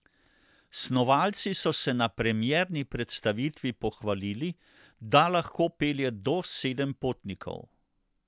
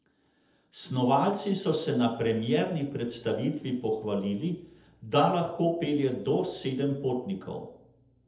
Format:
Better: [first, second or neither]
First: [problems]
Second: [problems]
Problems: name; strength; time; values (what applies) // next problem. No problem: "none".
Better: first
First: none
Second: room echo; dies away in 0.7 s